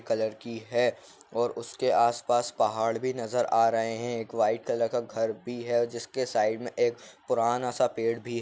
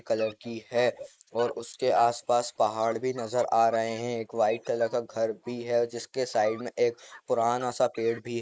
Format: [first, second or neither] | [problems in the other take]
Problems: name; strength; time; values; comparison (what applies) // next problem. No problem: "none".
first | noise reduction (neural mask model Resemble Enhance denoiser)